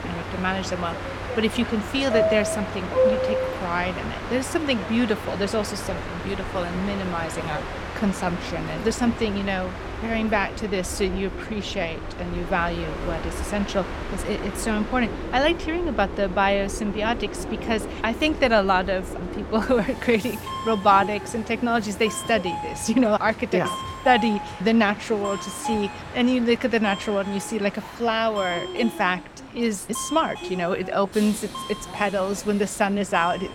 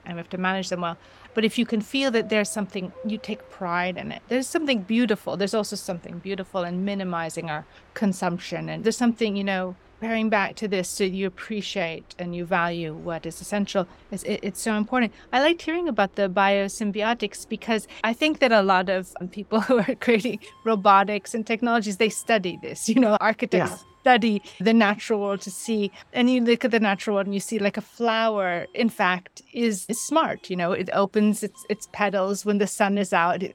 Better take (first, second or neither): second